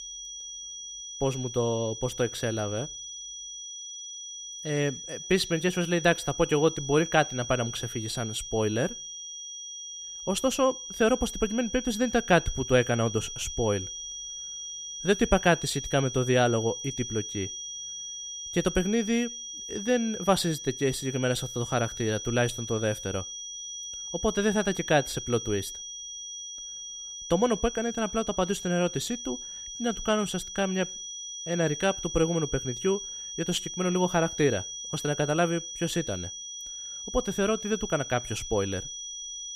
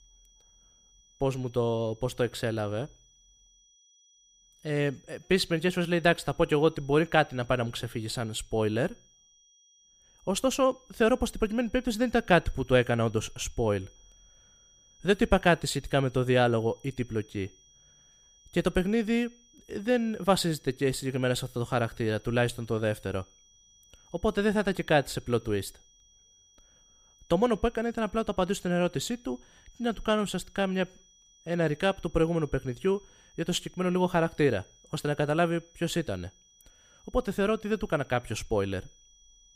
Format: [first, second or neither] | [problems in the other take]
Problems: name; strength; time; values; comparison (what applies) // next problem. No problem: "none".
second | high-pitched whine; loud; throughout; 6 kHz, 8 dB below the speech; faint in the second